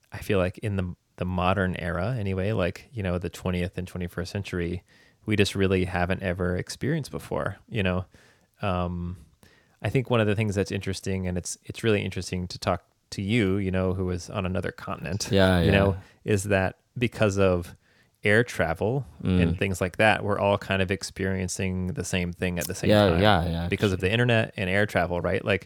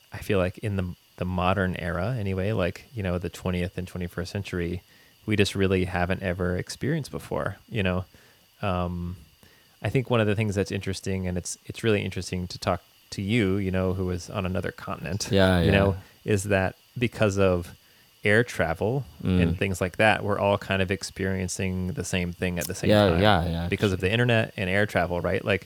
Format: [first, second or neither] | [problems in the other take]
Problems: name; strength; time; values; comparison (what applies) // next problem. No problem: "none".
first | hiss; faint; throughout; 30 dB below the speech